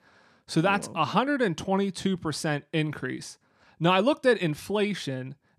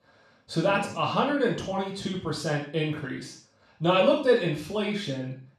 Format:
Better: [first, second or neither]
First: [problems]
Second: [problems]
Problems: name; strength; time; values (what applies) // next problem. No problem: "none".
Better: first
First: none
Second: room echo; noticeable; dies away in 0.4 s // off-mic speech; far